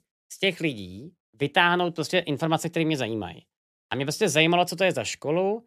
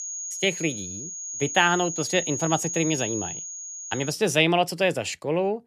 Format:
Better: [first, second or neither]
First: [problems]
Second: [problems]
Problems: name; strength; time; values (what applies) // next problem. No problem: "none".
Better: first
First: none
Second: high-pitched whine; loud; until 4 s; 6.5 kHz, 6 dB below the speech